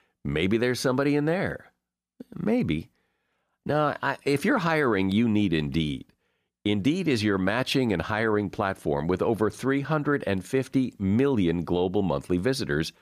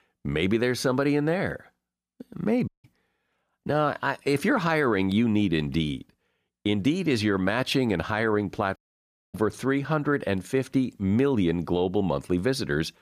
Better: first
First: none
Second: audio cutting out; at 2.5 s and at 9 s for 0.5 s

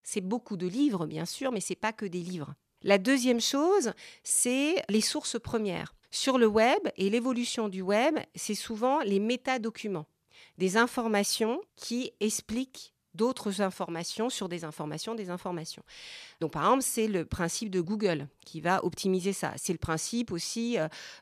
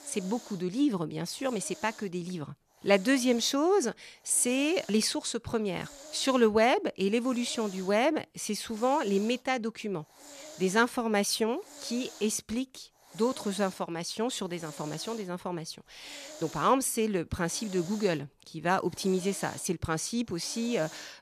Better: first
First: none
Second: hiss; noticeable; throughout; 20 dB below the speech

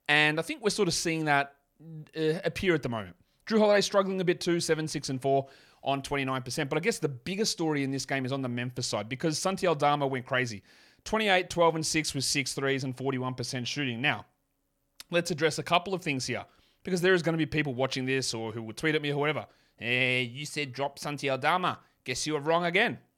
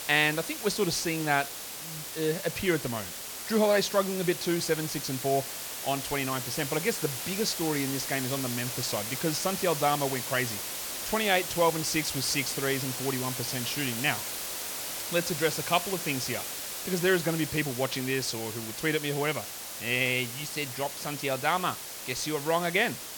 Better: first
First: none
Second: hiss; loud; throughout; 5 dB below the speech

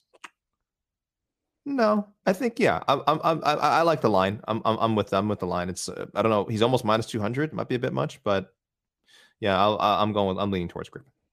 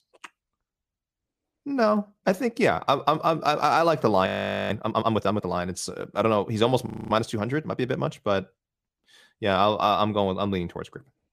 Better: first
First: none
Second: audio freezing; at 4.5 s and at 7 s

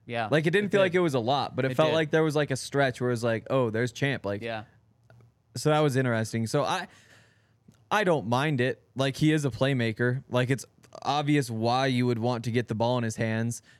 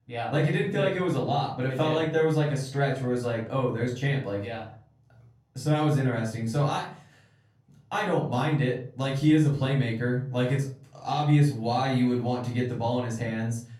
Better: first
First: none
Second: off-mic speech; far // room echo; slight; dies away in 0.4 s

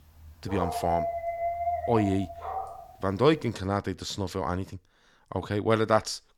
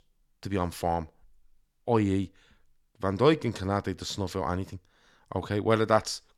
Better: second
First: dog barking; noticeable; until 3 s; peak 1 dB below the speech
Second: none

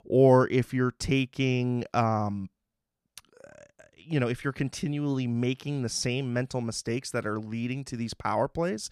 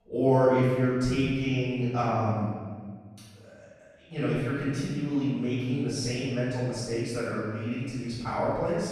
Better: first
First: none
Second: off-mic speech; far // room echo; strong; dies away in 1.5 s

